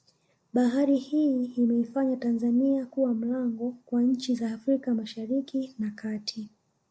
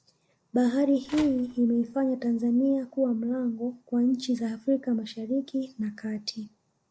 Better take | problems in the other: first | background sound (Telephone); 18 dB below the speech

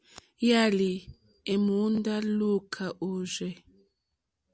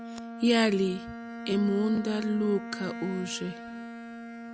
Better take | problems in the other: first | background sound (Bowed string instrument); 10 dB below the speech

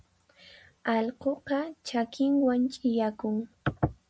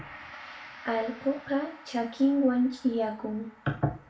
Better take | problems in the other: first | background sound (Gong); 19 dB below the speech // room echo; dies away in 0.4 s

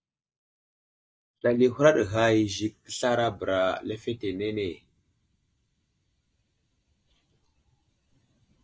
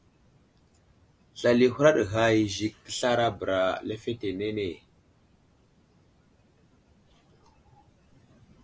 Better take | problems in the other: second | noise reduction (neural mask model DeepFilterNet 3)

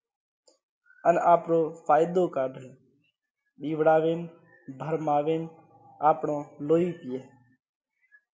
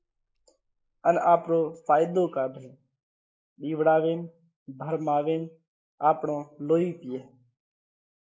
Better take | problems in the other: first | noise reduction (neural mask model Resemble Enhance denoiser)

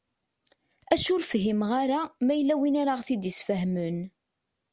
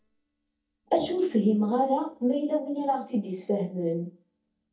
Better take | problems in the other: first | noise reduction (neural mask model DeepFilterNet 3)

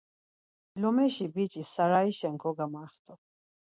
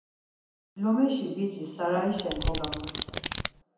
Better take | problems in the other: first | background sound (Domestic sounds, home sounds); 3 dB below the speech // room echo; dies away in 0.9 s

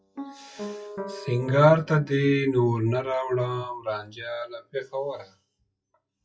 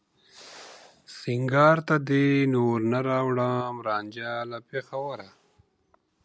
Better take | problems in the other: second | noise reduction (classical method WPE with log-MMSE)

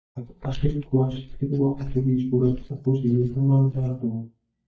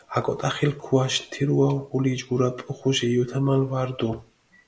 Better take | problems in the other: second | noise reduction (neural mask model DeepFilterNet 3)

